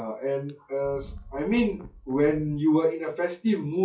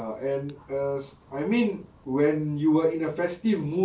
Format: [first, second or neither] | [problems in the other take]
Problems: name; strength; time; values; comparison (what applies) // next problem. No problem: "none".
second | noise reduction (classical method log-MMSE)